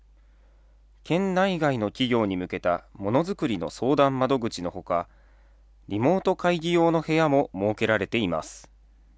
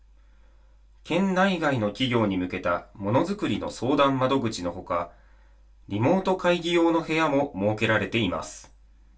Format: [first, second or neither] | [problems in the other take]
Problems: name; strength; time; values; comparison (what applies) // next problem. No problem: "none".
first | room echo; dies away in 0.2 s